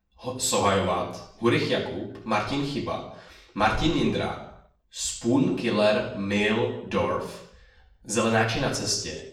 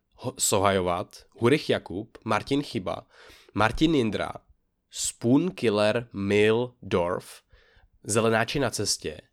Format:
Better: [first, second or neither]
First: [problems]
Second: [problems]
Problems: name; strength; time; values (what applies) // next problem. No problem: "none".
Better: second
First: room echo; noticeable; dies away in 0.7 s // off-mic speech; far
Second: none